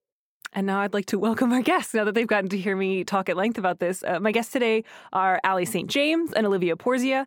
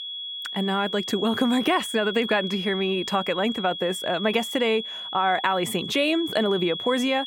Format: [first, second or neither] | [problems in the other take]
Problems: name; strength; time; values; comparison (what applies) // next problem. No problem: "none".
first | high-pitched whine; loud; throughout; 3.5 kHz, 7 dB below the speech